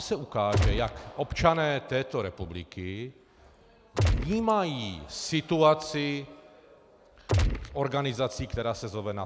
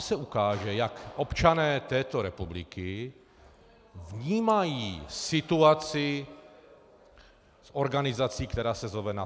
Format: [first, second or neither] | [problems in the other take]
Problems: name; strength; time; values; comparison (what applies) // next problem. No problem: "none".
second | background sound (Gunshot, gunfire); 4 dB above the speech